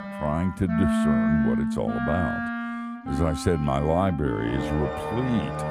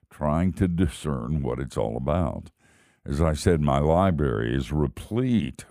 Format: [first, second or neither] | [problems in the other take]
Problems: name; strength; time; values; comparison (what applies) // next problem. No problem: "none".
second | background music; loud; throughout; 1 dB below the speech